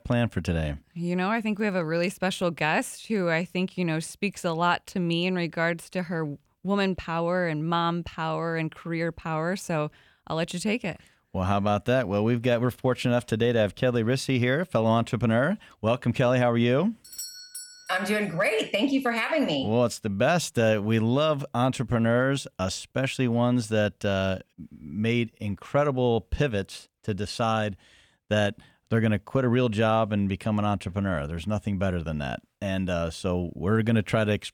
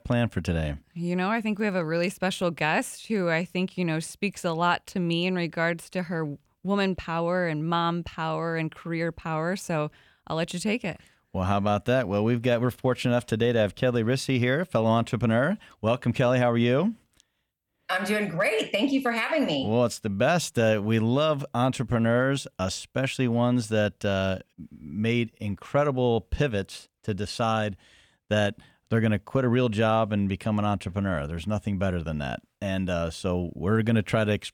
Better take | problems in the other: second | doorbell; faint; at 17 s; peak 10 dB below the speech

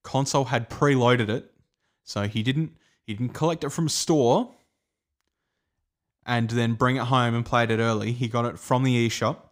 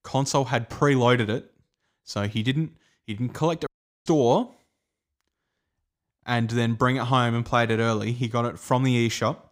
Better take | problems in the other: first | audio cutting out; at 3.5 s

